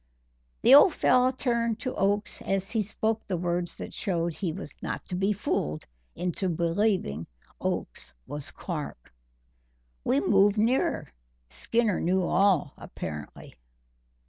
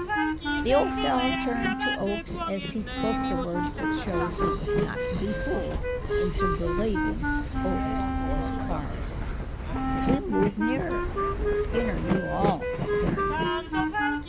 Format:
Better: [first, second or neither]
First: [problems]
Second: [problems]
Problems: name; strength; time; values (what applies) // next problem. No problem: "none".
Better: first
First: none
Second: background sound (Wind instrument, woodwind instrument + Train); 5 dB above the speech